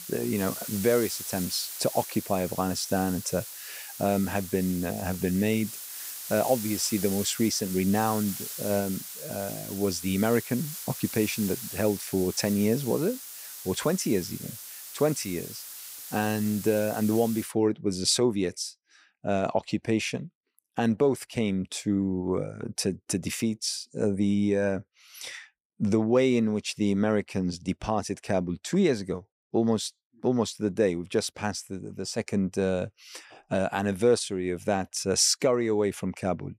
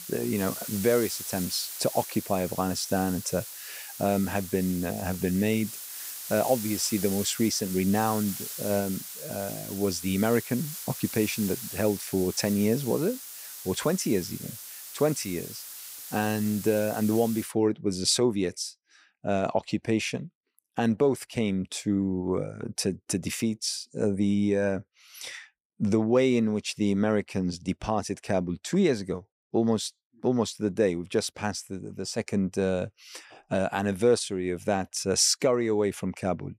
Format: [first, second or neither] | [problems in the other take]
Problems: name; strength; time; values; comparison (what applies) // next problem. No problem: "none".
neither | hiss; loud; until 17 s; 9 dB below the speech; the same in both